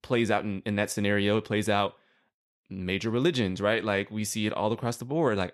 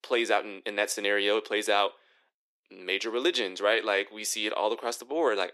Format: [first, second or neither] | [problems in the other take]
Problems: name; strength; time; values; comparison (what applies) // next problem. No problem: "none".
first | thin; very; fading below 350 Hz